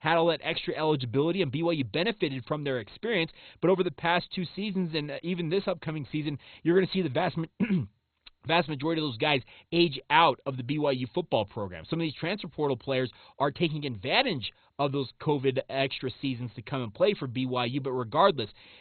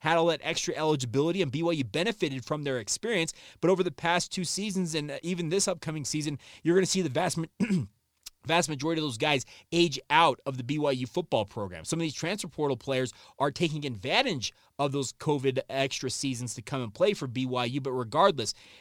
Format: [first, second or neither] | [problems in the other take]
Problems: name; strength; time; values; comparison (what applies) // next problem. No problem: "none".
second | garbled, watery; badly; nothing above 4 kHz